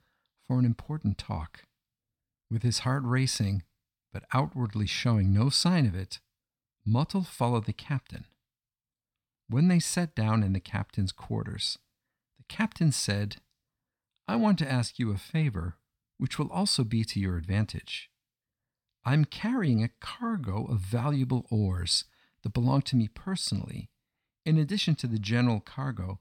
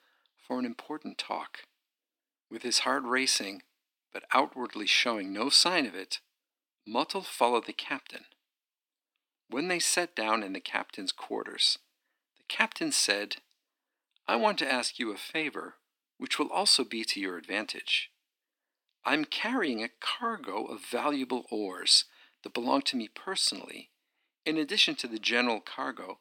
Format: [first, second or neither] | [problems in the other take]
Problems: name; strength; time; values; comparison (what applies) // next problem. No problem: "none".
first | thin; very; fading below 300 Hz